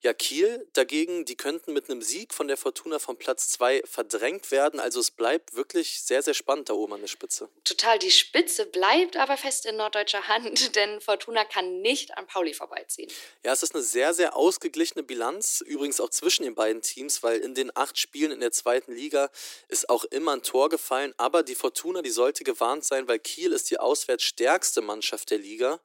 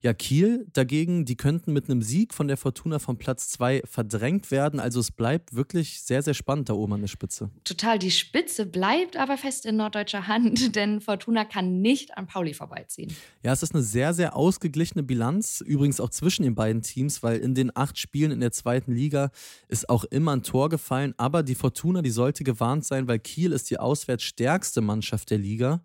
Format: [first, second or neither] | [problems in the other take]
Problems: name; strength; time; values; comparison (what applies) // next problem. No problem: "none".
second | thin; very; fading below 300 Hz